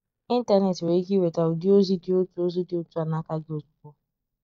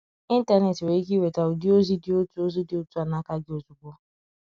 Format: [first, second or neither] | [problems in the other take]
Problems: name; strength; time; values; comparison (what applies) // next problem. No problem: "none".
second | noise reduction (neural mask model DeepFilterNet 3)